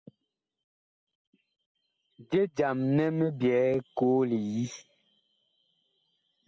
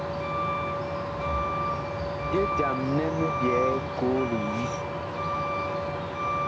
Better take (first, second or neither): first